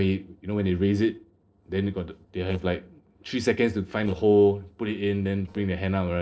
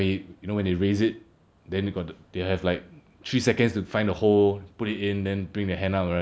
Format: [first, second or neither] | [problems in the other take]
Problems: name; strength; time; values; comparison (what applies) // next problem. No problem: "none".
second | noise reduction (neural separator model SepFormer DNS4)